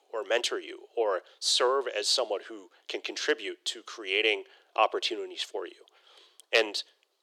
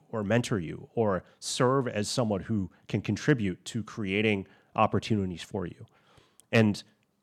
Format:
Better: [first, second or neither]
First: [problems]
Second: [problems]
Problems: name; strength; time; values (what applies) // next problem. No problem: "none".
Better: second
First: thin; very; fading below 350 Hz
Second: none